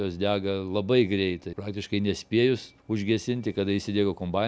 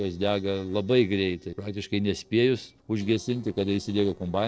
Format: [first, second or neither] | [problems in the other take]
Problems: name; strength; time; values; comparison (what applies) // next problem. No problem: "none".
first | noise reduction (neural separator model SepFormer DNS4)